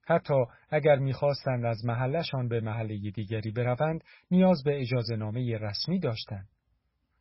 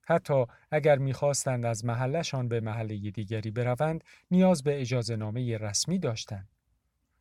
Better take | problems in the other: second | garbled, watery; badly; nothing above 5.5 kHz

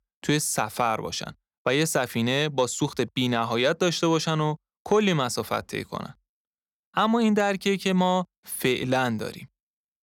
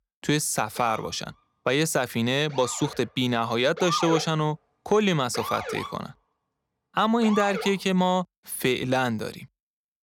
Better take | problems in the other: first | siren; noticeable; from 1 to 7.5 s; peak 3 dB below the speech

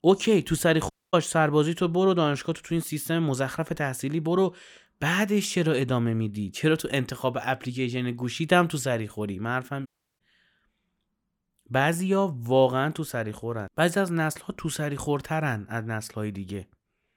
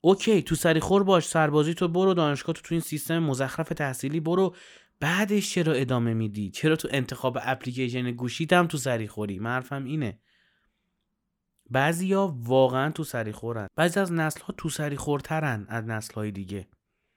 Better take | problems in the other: second | audio cutting out; at 1 s and at 10 s

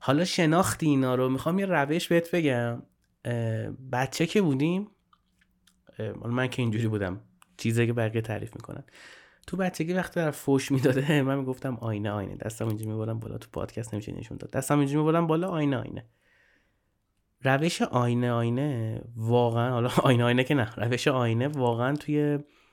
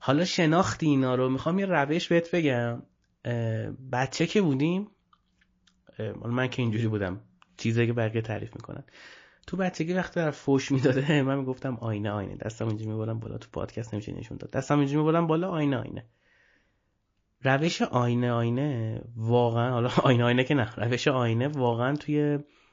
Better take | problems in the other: first | garbled, watery; slightly

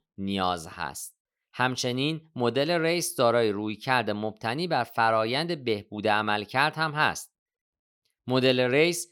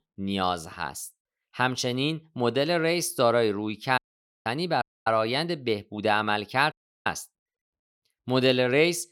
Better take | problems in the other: first | audio cutting out; at 4 s, at 5 s and at 6.5 s

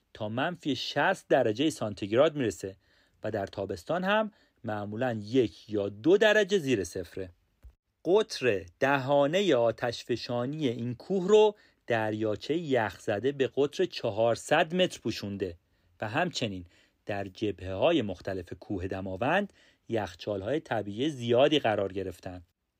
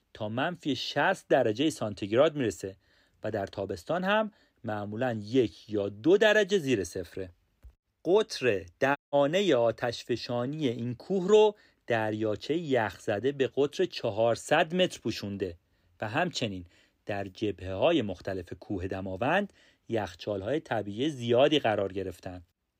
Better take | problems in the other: first | audio cutting out; at 9 s

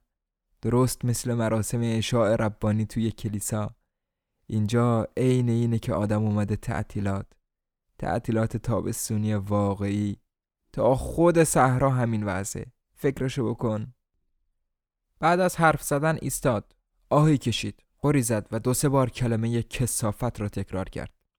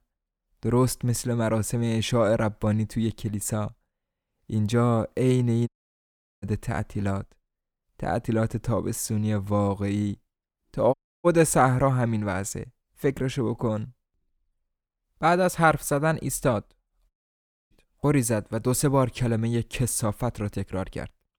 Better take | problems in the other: first | audio cutting out; at 5.5 s for 0.5 s, at 11 s and at 17 s for 0.5 s

